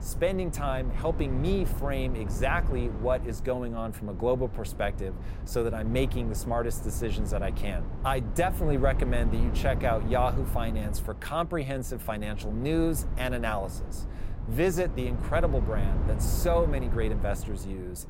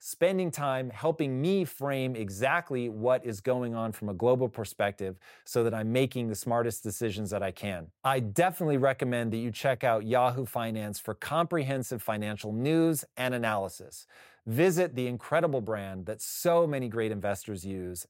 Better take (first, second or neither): second